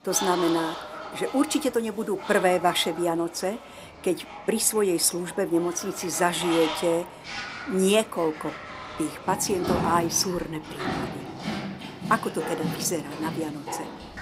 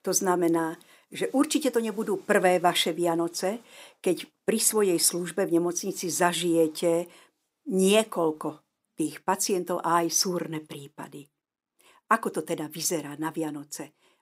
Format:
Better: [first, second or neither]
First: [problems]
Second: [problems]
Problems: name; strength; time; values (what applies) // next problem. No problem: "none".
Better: second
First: animal sounds; loud; throughout; 9 dB below the speech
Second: none